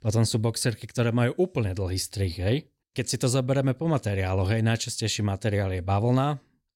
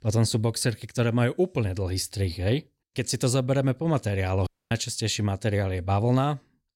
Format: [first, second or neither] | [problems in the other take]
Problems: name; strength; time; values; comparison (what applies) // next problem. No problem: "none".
first | audio cutting out; at 4.5 s